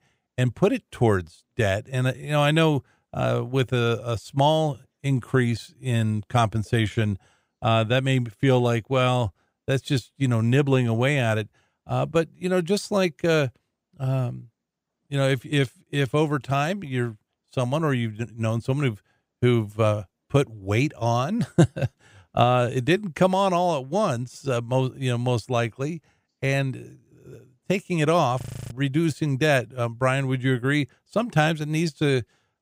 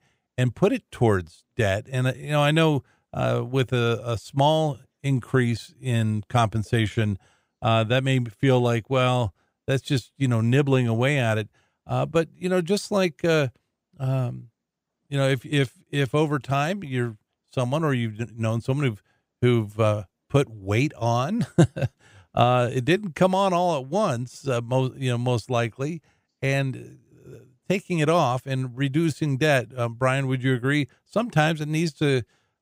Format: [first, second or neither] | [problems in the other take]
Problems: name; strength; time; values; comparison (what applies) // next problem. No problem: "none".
second | audio freezing; at 28 s